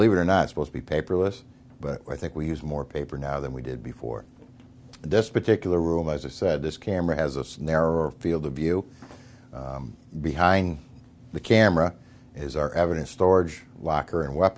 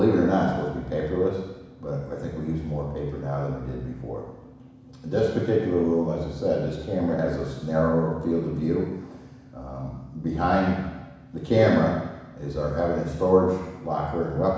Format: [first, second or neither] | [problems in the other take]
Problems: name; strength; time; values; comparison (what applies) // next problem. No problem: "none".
first | background sound (Bowed string instrument); 15 dB below the speech // room echo; dies away in 1.1 s